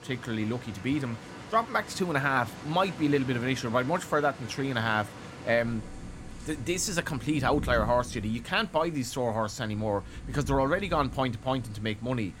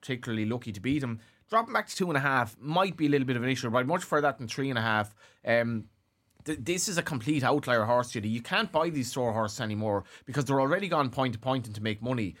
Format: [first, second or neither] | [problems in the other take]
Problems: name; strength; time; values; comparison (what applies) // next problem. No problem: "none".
second | rain or running water; noticeable; throughout; 15 dB below the speech